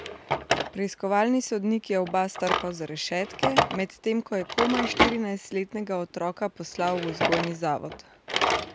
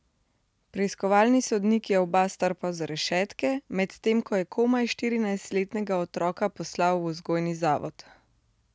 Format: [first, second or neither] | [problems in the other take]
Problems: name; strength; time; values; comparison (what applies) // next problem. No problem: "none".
second | background sound (Drawer open or close); 2 dB below the speech